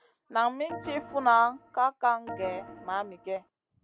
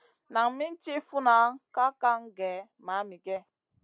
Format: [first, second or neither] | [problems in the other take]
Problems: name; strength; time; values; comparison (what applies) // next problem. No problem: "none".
second | background sound (Organ); 14 dB below the speech